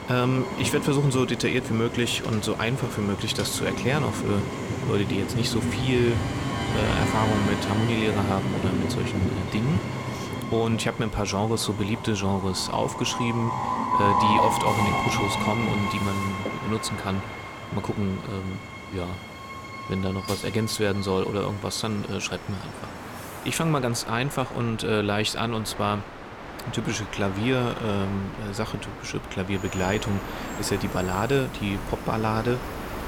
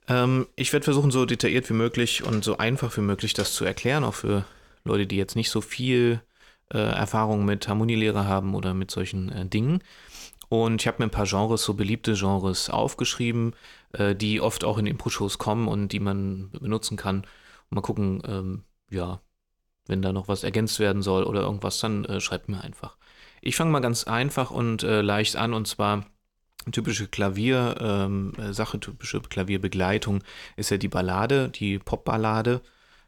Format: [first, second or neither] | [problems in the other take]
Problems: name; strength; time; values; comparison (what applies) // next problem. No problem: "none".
second | train or aircraft noise; loud; throughout; 4 dB below the speech